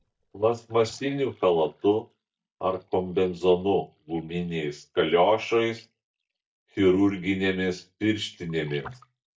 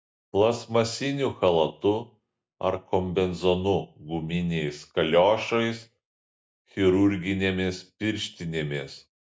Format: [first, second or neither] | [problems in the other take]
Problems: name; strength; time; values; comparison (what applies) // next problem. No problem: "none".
second | noise reduction (neural mask model DeepFilterNet 3)